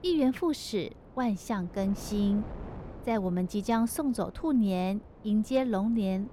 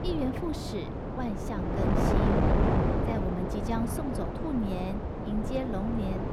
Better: first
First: wind noise on the microphone; occasional gusts; 20 dB below the speech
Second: wind noise on the microphone; heavy; 4 dB above the speech

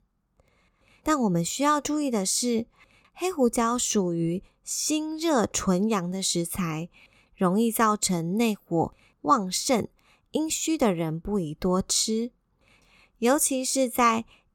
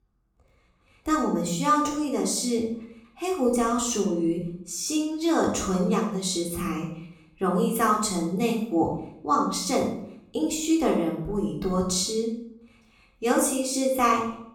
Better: first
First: none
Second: off-mic speech; far // room echo; noticeable; dies away in 0.6 s

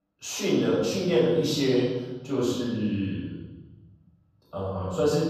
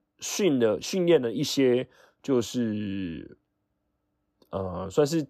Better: second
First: room echo; noticeable; dies away in 1.3 s // off-mic speech; far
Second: none

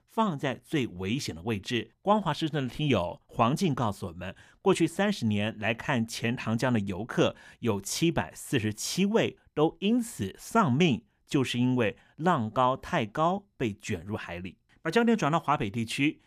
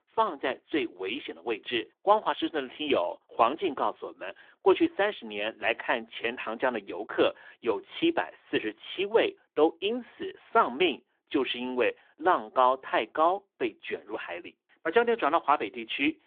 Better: first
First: none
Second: phone-call audio; nothing above 3.5 kHz

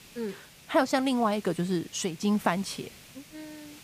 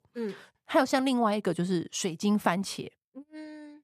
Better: second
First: hiss; faint; throughout; 20 dB below the speech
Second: none

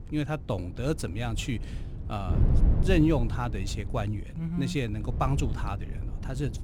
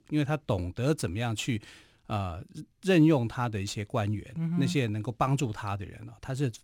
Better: second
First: wind noise on the microphone; occasional gusts; 10 dB below the speech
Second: none

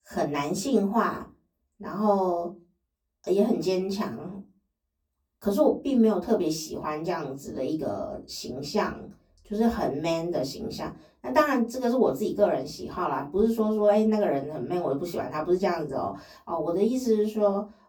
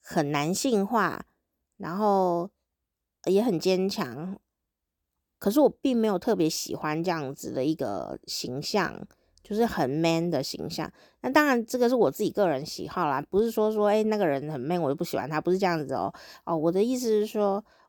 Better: second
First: off-mic speech; far // room echo; very slight; dies away in 0.2 s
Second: none

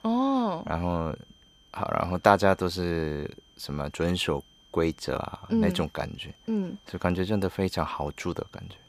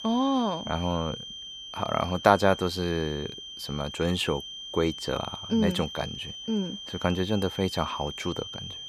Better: first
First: high-pitched whine; faint; throughout; 3 kHz, 30 dB below the speech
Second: high-pitched whine; loud; throughout; 3 kHz, 9 dB below the speech

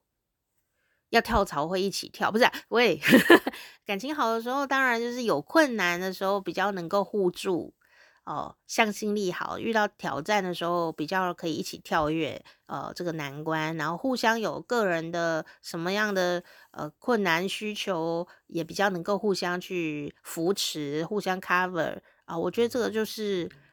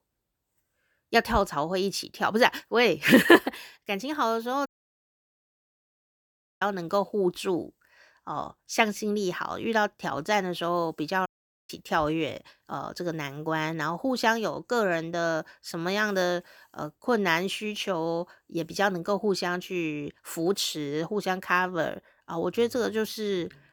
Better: first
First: none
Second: audio cutting out; at 4.5 s for 2 s and at 11 s

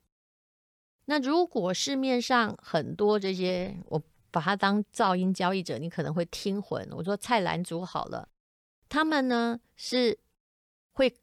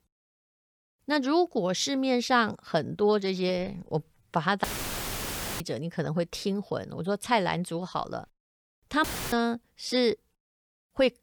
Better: first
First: none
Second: audio cutting out; filled with static; at 4.5 s for 1 s and at 9 s

